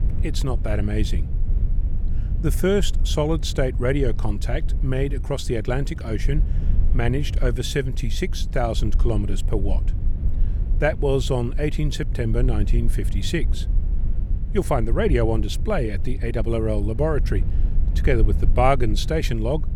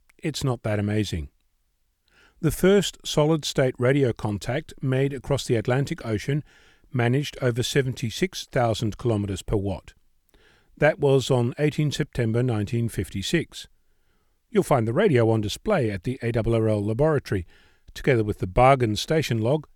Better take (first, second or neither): second